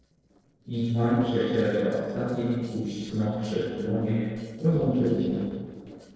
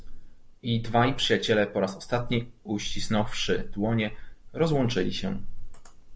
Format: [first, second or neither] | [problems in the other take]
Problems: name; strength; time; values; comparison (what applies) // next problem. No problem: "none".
second | noise reduction (neural separator model SepFormer DNS4)